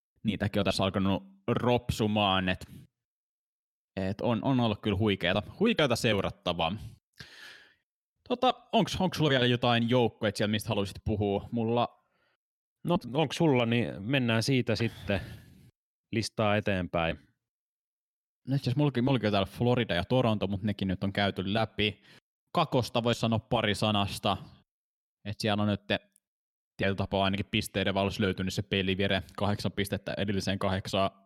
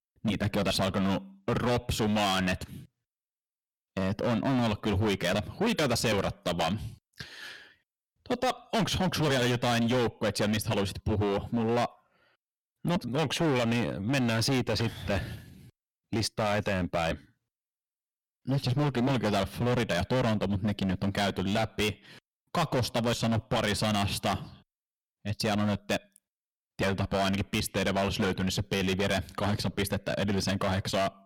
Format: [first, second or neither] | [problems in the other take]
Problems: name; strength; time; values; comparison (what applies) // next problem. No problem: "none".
first | distortion; heavy; 16% of the sound clipped